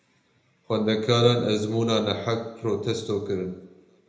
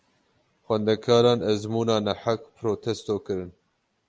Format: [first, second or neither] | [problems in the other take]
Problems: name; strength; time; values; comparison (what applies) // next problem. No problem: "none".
second | room echo; dies away in 0.8 s